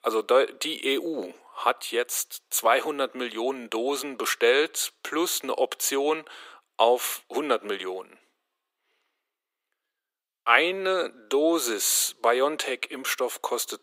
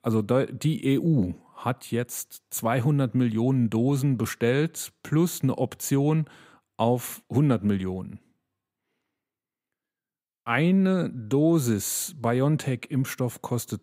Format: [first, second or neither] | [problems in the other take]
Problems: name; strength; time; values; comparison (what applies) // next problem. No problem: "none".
second | thin; very; fading below 400 Hz